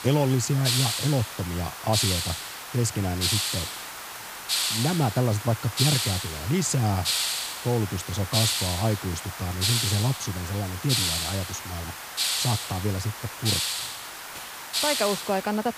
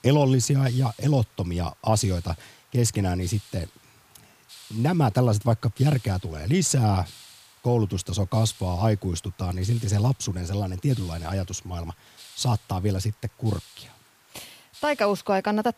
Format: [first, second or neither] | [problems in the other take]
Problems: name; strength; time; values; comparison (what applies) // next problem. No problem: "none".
second | hiss; loud; throughout; as loud as the speech; faint in the second